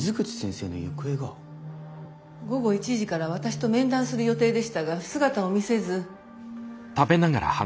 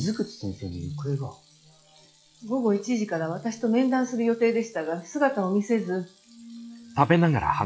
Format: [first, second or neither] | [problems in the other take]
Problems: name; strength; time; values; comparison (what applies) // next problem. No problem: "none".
first | noise reduction (classical method log-MMSE)